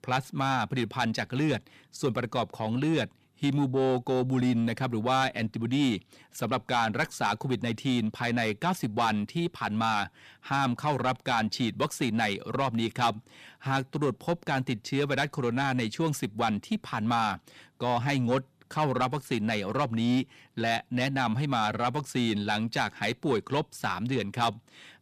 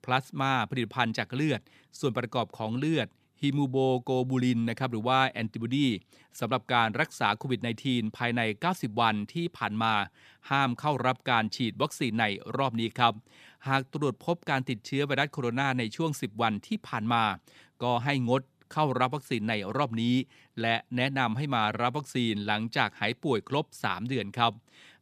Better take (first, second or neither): second